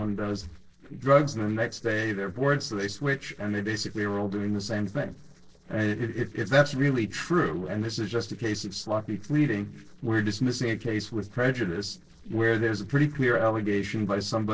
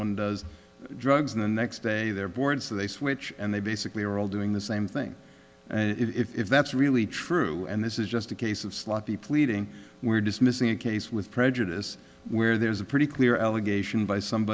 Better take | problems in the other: second | noise reduction (neural separator model SepFormer DNS4)

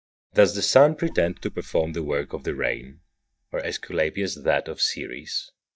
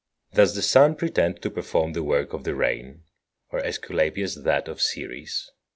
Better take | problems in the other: second | noise reduction (neural mask model DeepFilterNet 3)

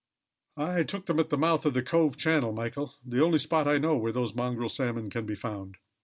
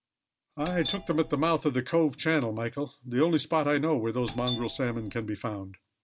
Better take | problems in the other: first | background sound (Doorbell); 11 dB below the speech

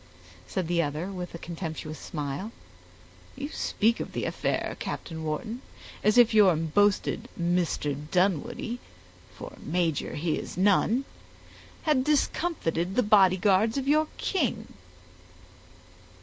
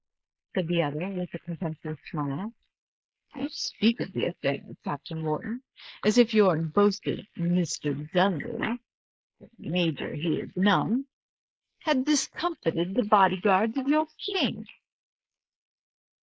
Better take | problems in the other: first | noise reduction (neural mask model Resemble Enhance denoiser)

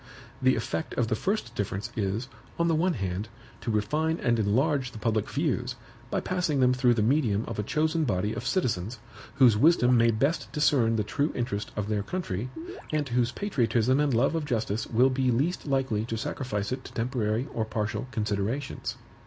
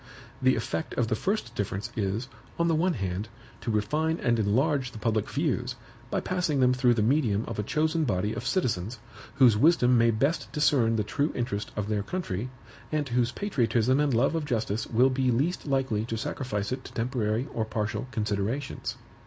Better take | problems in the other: second | background sound (Gurgling); 12 dB below the speech

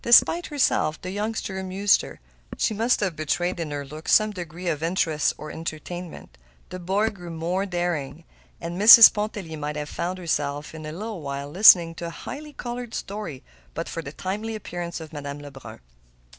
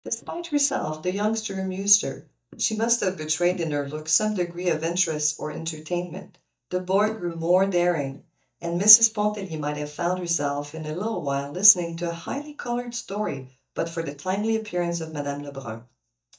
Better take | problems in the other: first | noise reduction (neural mask model DeepFilterNet 3)

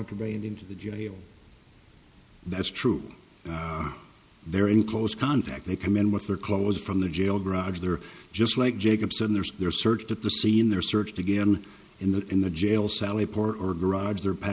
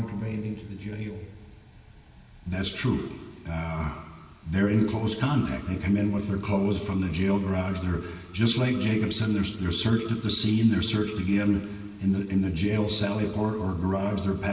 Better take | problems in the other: first | room echo; dies away in 2.1 s

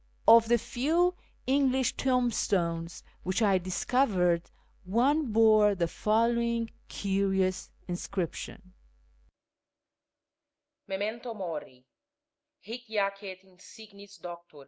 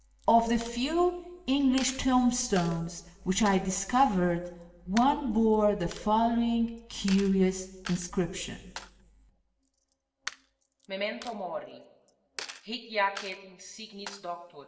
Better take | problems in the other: first | background sound (Coin (dropping)); 19 dB below the speech // room echo; dies away in 0.9 s

